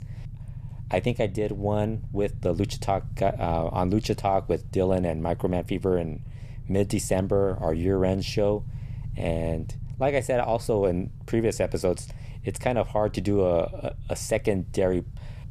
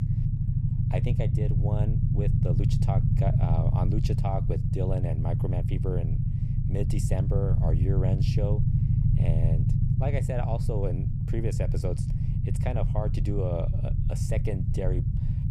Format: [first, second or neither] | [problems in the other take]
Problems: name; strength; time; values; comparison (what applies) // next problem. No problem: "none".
first | low rumble; loud; throughout; 2 dB below the speech; faint in the first